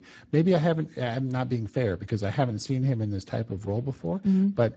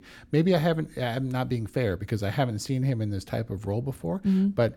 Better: second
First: garbled, watery; badly; nothing above 7.5 kHz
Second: none

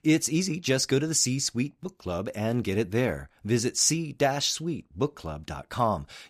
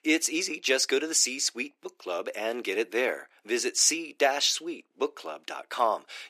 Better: first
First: none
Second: thin; very; fading below 350 Hz

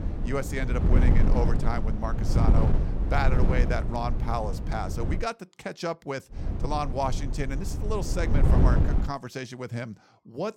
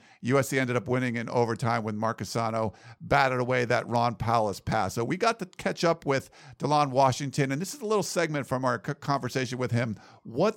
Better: second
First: wind noise on the microphone; heavy; until 5 s and from 6.5 to 9 s; 5 dB below the speech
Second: none

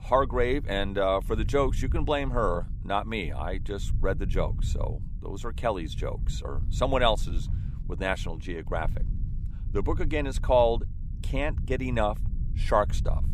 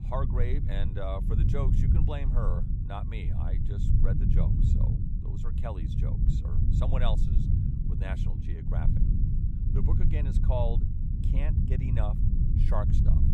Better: first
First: low rumble; faint; throughout; 20 dB below the speech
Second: low rumble; loud; throughout; 3 dB below the speech

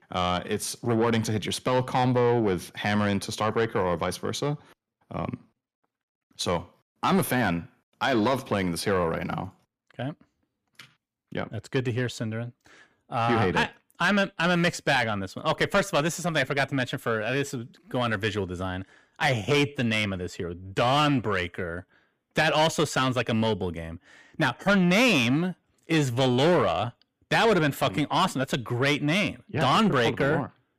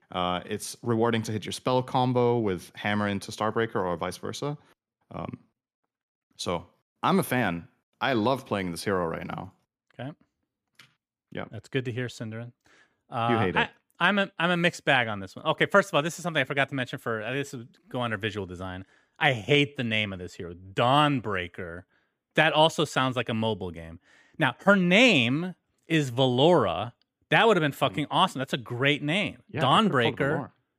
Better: second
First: distortion; heavy; 7 dB below the speech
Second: none

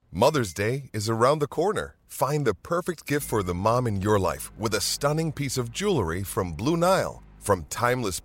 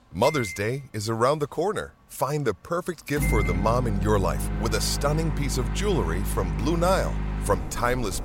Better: first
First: household noises; faint; throughout; 25 dB below the speech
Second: household noises; loud; throughout; 4 dB below the speech

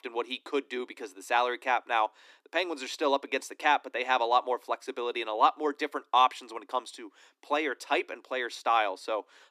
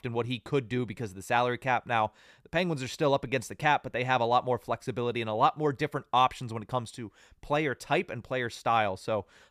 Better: second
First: thin; somewhat; fading below 250 Hz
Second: none

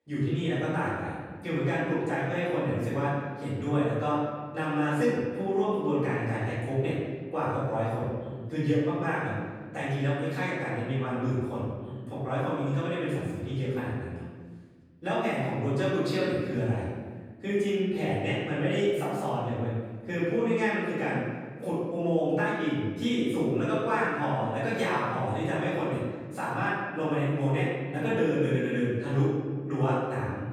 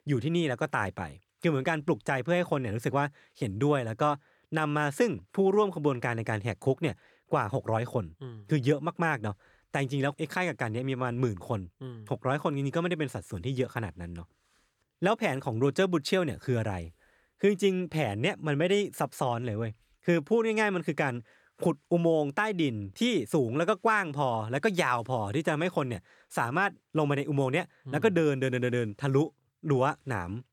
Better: second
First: off-mic speech; far // room echo; strong; dies away in 1.5 s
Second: none

